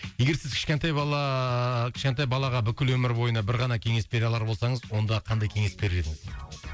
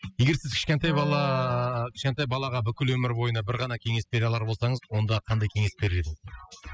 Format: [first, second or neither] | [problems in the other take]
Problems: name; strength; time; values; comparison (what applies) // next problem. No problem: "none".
first | noise reduction (classical method spectral subtraction)